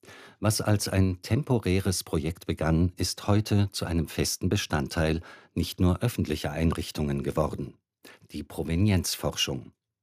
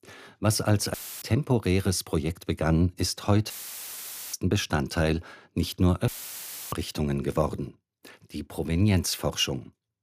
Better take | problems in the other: first | audio cutting out; filled with static; at 1 s, at 3.5 s for 1 s and at 6 s for 0.5 s

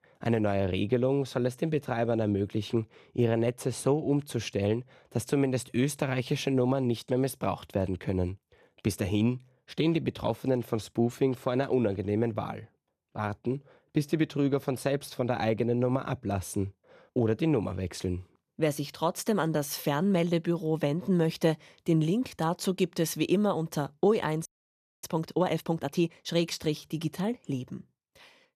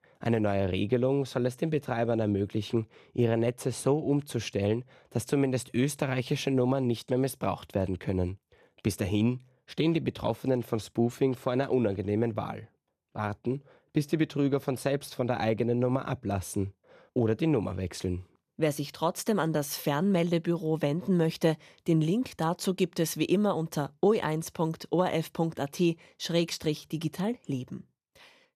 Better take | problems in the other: second | audio freezing; at 24 s for 0.5 s

